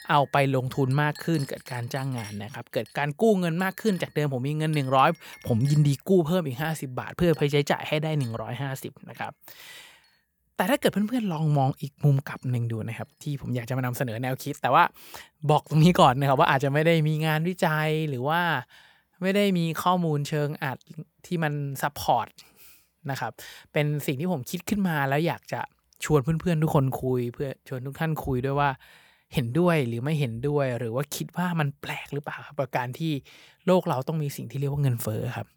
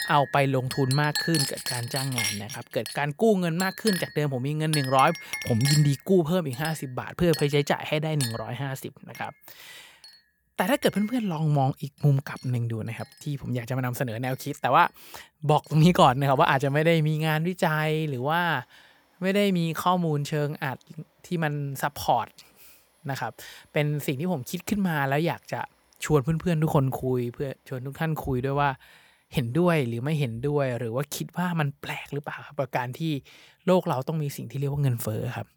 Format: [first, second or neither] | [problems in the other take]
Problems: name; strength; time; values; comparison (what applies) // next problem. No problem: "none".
first | household noises; loud; throughout; 6 dB below the speech; faint in the first